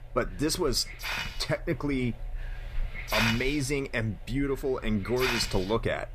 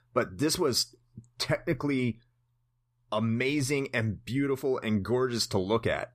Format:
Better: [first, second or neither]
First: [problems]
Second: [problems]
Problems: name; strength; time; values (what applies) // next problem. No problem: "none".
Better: second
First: hiss; loud; throughout; 5 dB below the speech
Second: none